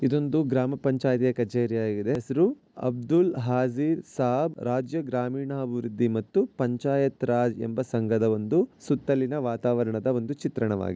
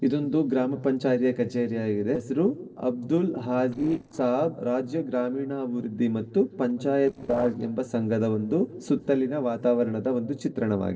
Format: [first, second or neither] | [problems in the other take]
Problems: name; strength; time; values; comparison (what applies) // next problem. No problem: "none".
first | noise reduction (neural separator model SepFormer DNS4)